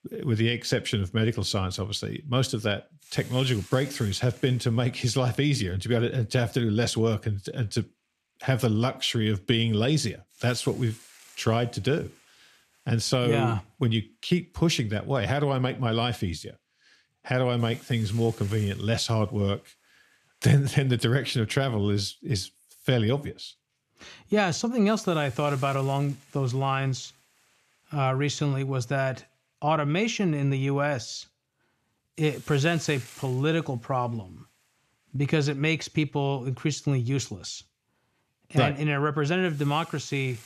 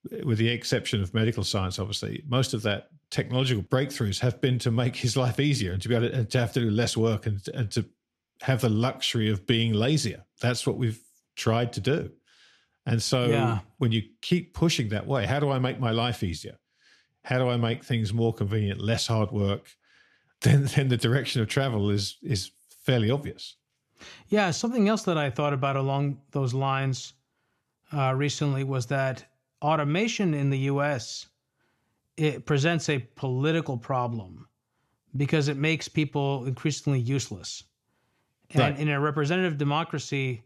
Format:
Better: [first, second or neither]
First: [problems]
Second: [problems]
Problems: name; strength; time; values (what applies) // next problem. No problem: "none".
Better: second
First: hiss; faint; throughout; 25 dB below the speech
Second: none